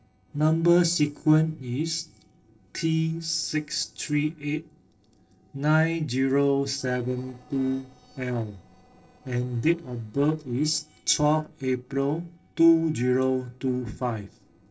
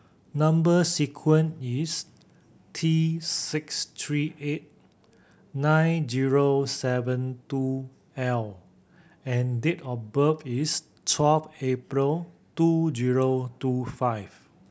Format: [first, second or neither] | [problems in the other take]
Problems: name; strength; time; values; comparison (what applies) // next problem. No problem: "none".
second | noise reduction (neural separator model SepFormer DNS4)